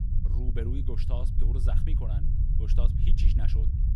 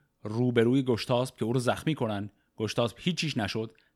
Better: second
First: low rumble; loud; throughout; 1 dB below the speech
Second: none

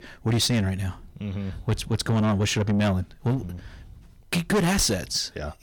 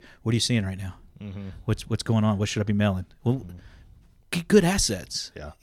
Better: second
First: distortion; heavy; 6 dB below the speech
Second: none

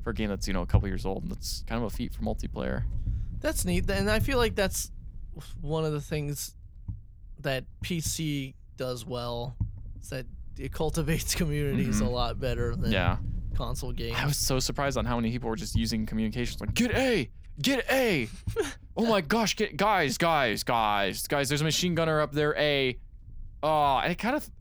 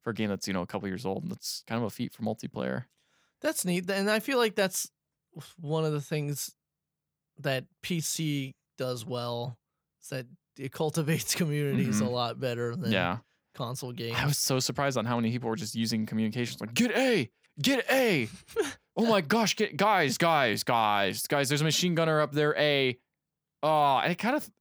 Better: second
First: wind noise on the microphone; occasional gusts; 25 dB below the speech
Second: none

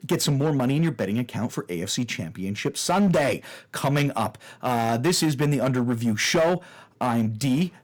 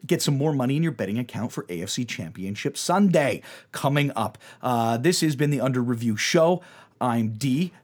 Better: second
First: distortion; slight; 9% of the sound clipped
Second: none

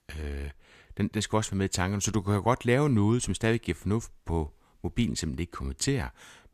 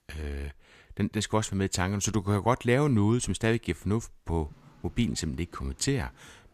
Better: first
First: none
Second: household noises; faint; from 4.5 s on; 30 dB below the speech

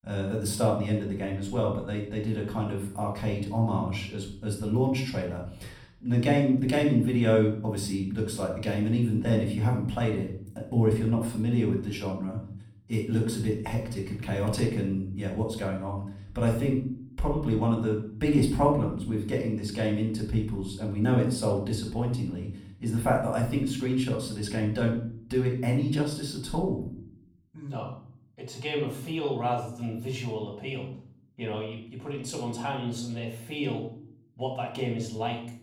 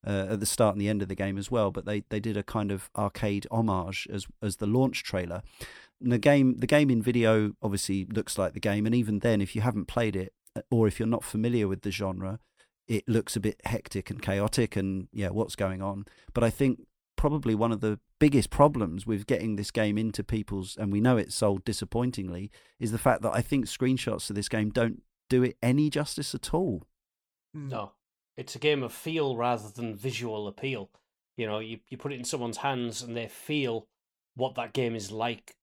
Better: second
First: off-mic speech; far // room echo; noticeable; dies away in 0.6 s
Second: none

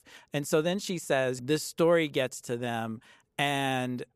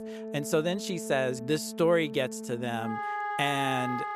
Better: first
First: none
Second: background music; loud; throughout; 7 dB below the speech

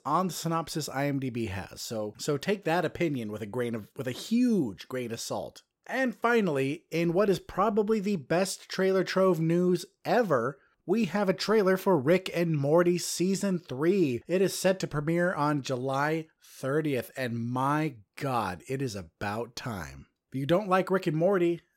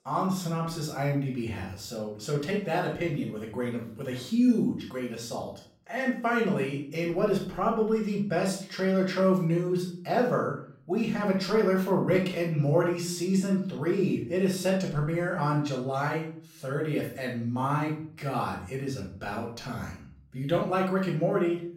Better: first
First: none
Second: off-mic speech; far // room echo; noticeable; dies away in 0.4 s

